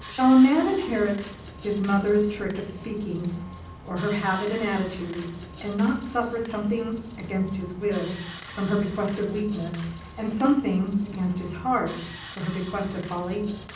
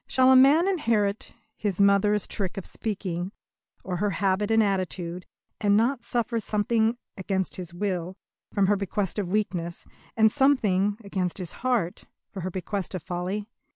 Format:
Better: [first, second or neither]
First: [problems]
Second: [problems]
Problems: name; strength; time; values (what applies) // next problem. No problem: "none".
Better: second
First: background sound (Sawing); 15 dB below the speech // room echo; dies away in 0.6 s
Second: none